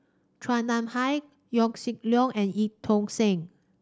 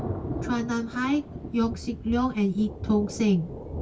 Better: first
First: none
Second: background sound (Thunder); 9 dB below the speech // room echo; dies away in 0.1 s

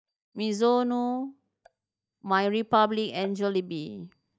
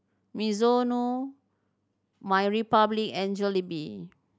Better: second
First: noise reduction (neural mask model DeepFilterNet 3)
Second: none

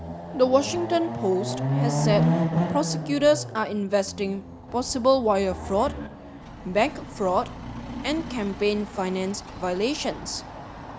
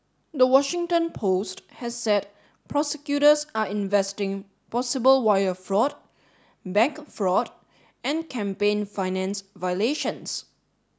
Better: second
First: background sound (Chatter / Car passing by / Motorcycle / Traffic noise, roadway noise / Accelerating, revving, vroom); 4 dB below the speech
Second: none

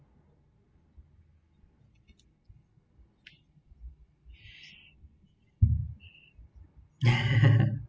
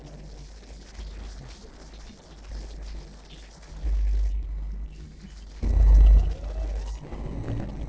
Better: first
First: none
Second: noise reduction (neural separator model SepFormer DNS4)

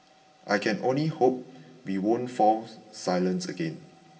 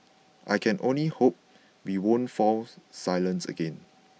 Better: second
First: room echo; dies away in 1.3 s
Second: none

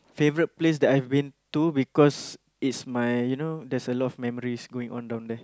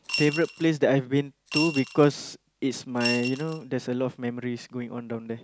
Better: first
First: none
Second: background sound (Coin (dropping) / Glass); 8 dB below the speech

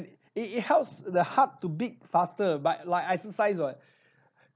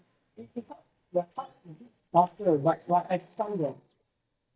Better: first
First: none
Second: noise reduction (neural mask model DeepFilterNet 3)

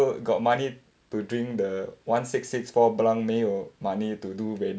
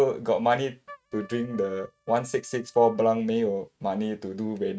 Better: first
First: none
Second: noise reduction (neural mask model RNNoise)

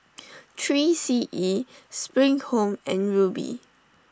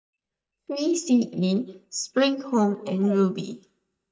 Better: first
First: none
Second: noise reduction (neural mask model DeepFilterNet 3)

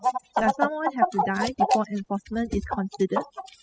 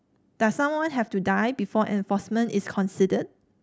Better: second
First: noise reduction (classical method spectral subtraction)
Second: none

